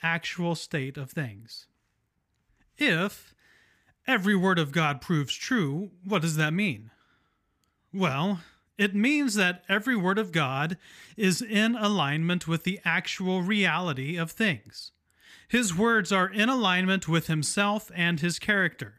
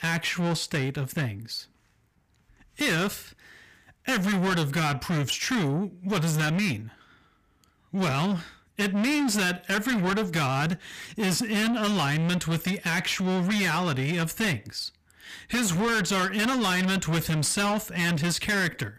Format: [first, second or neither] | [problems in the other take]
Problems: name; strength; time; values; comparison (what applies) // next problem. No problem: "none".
first | distortion; heavy; 6 dB below the speech